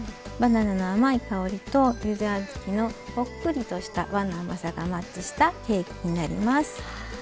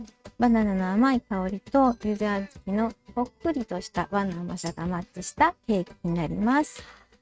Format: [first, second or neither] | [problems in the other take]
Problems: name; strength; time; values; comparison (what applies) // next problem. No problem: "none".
first | noise reduction (neural mask model RNNoise)